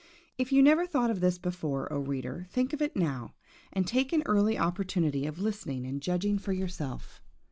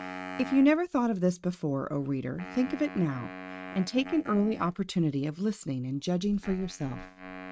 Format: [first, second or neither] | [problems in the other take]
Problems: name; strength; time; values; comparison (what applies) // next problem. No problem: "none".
first | noise reduction (neural mask model RNNoise)